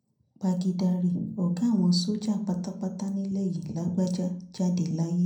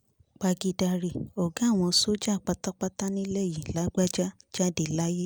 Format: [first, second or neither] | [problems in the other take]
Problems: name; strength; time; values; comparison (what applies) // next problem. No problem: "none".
second | room echo; dies away in 0.5 s